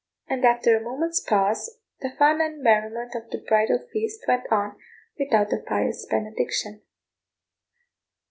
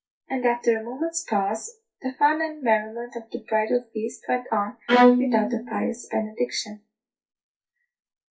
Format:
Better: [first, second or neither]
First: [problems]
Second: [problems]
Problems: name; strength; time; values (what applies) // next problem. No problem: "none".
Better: first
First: none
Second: noise reduction (classical method WPE with log-MMSE)